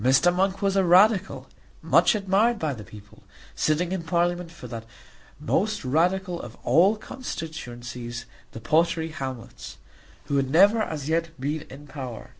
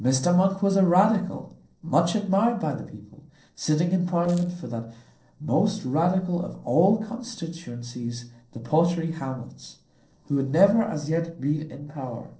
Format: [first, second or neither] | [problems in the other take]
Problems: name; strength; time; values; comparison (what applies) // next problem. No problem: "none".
first | noise reduction (neural separator model SepFormer DNS4)